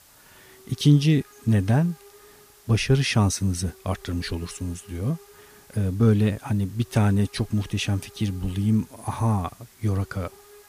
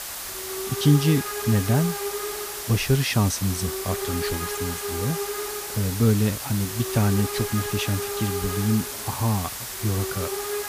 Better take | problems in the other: first | hiss; loud; throughout; 4 dB below the speech; faint in the first

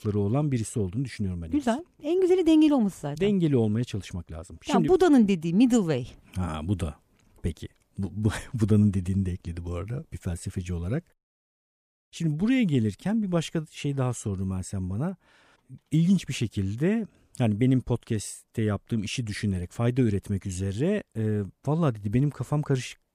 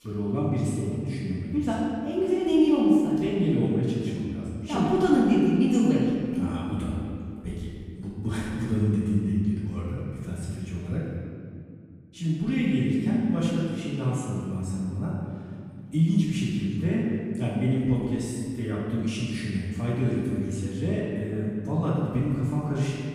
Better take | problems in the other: first | off-mic speech; far // room echo; strong; dies away in 2 s

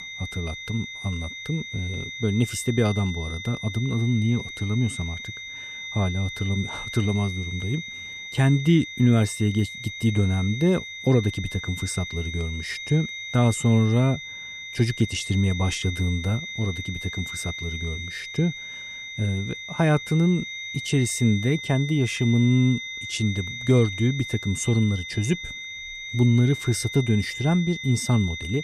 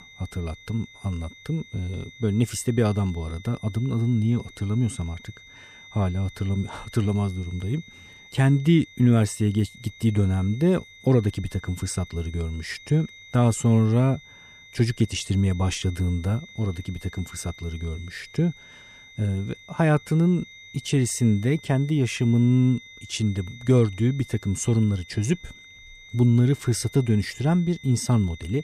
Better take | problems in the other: second | high-pitched whine; loud; throughout; 2 kHz, 8 dB below the speech; faint in the second

